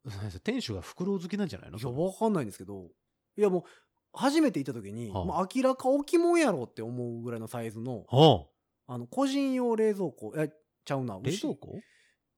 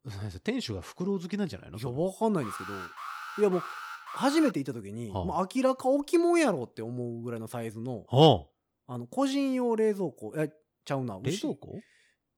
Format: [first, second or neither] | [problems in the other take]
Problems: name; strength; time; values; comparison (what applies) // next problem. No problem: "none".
first | alarm; noticeable; from 2.5 to 4.5 s; peak 10 dB below the speech